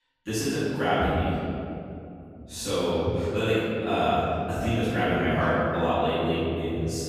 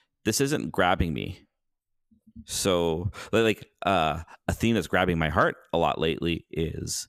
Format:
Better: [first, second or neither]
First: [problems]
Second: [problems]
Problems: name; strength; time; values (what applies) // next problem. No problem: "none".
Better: second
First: off-mic speech; far // room echo; strong; dies away in 2.6 s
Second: none